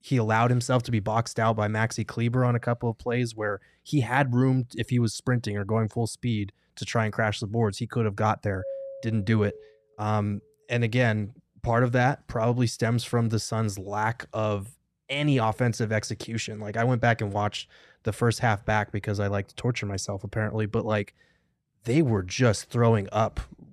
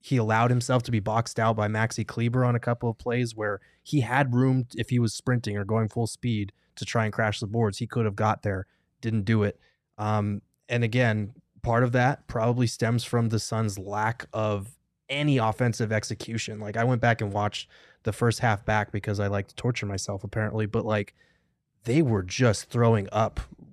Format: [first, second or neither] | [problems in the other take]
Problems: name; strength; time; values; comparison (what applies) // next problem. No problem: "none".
second | doorbell; noticeable; from 8.5 to 9.5 s; peak 10 dB below the speech